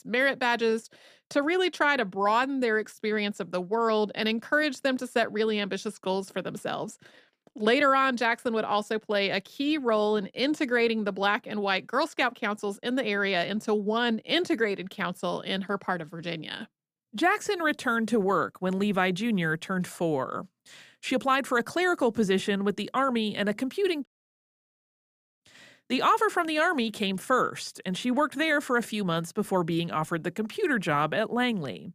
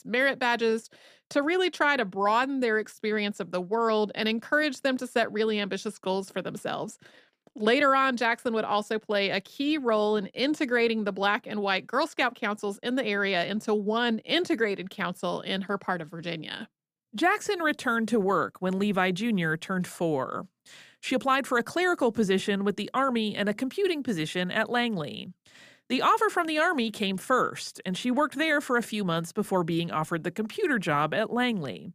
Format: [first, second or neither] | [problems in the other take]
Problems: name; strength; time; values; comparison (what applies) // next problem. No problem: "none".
second | audio cutting out; at 24 s for 1.5 s